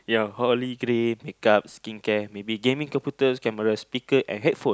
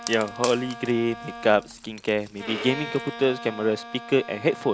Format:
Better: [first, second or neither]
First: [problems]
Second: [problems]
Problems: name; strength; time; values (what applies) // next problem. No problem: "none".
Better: first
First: none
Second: background sound (Wood + Bowed string instrument); 12 dB below the speech